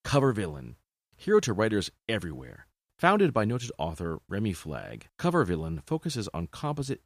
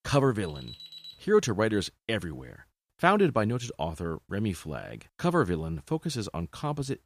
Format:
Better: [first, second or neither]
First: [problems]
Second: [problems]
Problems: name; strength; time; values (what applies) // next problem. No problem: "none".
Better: first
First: none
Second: alarm; faint; at 0.5 s; peak 15 dB below the speech